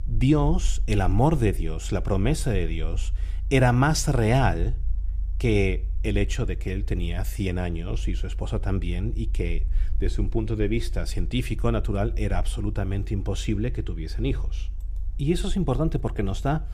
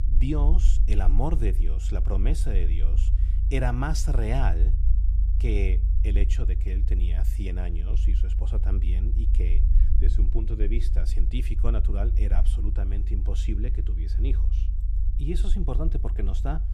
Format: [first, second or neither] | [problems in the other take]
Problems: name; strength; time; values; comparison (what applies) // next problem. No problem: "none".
first | low rumble; loud; throughout; 9 dB below the speech; faint in the first